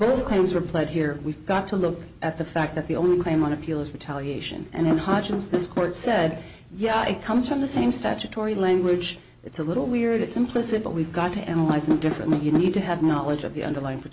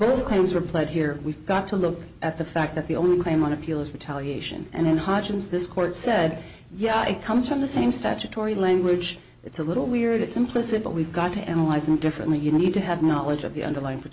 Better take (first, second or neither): second